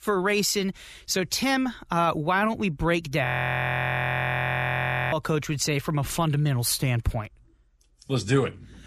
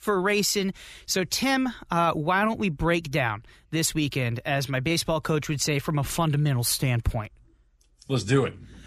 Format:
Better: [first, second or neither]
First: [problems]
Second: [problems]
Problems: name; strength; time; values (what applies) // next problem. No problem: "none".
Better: second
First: audio freezing; at 3.5 s for 2 s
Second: none